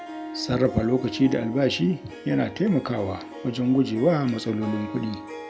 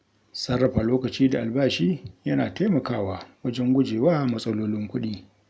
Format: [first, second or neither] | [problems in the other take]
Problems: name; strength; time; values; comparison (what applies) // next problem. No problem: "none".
second | background sound (Harp); 13 dB below the speech